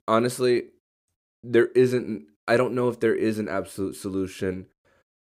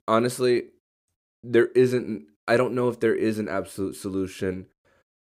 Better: neither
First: none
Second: none

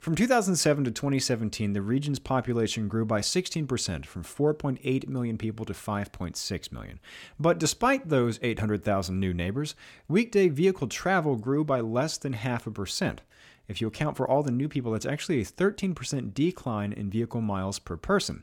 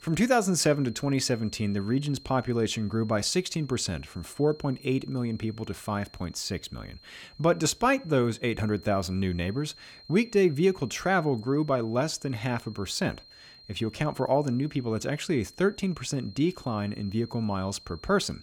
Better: first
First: none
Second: high-pitched whine; faint; throughout; 4 kHz, 25 dB below the speech

